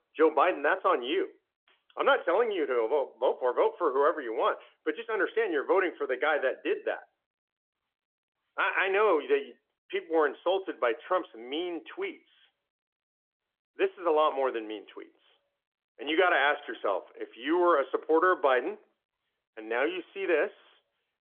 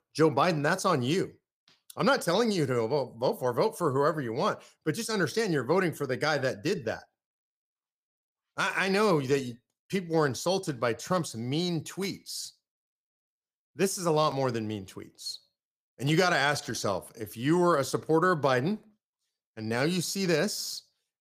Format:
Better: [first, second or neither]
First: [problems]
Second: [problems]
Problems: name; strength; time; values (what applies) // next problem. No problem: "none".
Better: second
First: phone-call audio; nothing above 3.5 kHz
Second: none